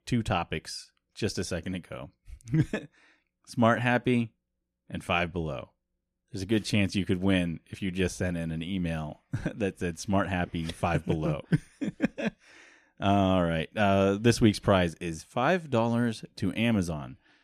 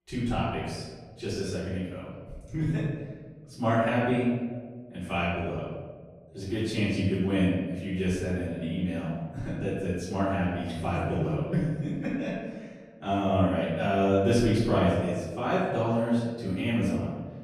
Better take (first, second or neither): first